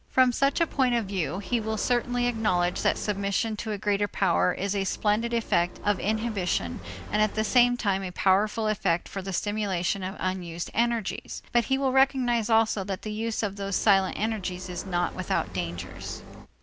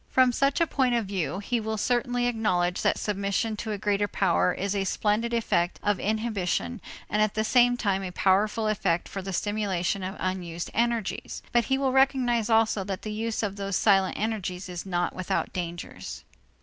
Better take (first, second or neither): second